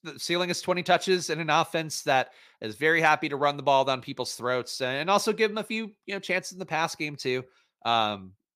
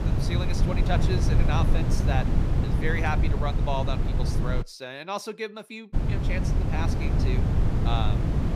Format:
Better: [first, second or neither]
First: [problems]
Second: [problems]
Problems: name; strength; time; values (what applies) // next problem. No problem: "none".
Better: first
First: none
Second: wind noise on the microphone; heavy; until 4.5 s and from 6 s on; 3 dB below the speech